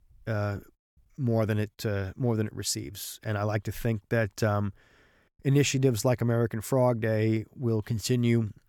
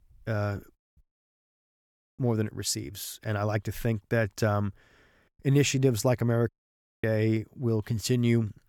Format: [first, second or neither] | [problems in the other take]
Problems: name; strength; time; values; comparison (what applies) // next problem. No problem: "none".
first | audio cutting out; at 1 s for 1 s and at 6.5 s for 0.5 s